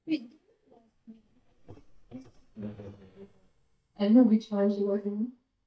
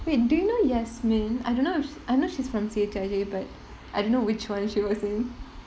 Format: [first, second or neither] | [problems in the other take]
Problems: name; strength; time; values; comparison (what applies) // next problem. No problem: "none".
second | noise reduction (neural mask model DeepFilterNet 3)